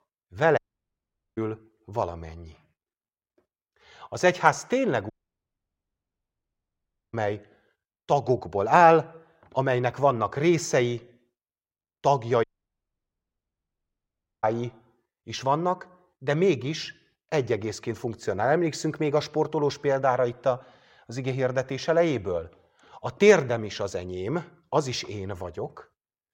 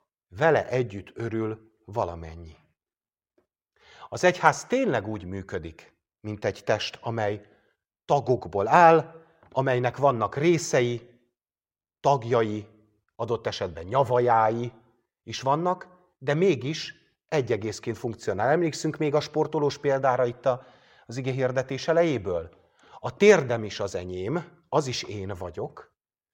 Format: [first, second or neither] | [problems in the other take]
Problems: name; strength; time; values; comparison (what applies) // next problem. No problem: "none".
second | audio cutting out; at 0.5 s for 1 s, at 5 s for 2 s and at 12 s for 2 s